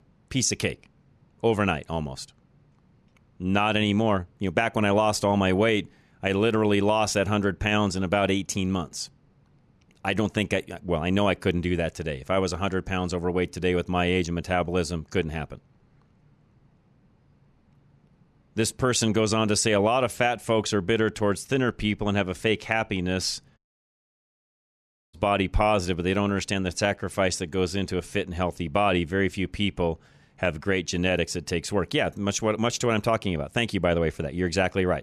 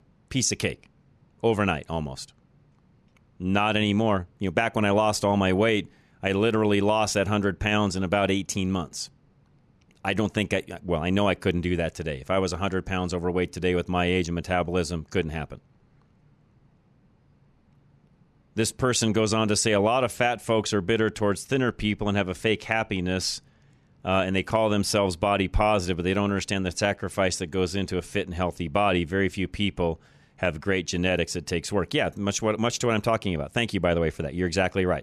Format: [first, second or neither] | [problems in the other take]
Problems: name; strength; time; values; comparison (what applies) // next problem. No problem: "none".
second | audio cutting out; at 24 s for 1.5 s